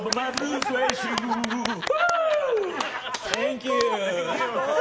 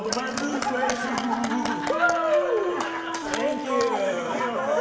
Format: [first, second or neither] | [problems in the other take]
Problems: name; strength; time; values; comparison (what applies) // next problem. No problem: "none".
first | background sound (Wind instrument, woodwind instrument); 8 dB below the speech // room echo; dies away in 2 s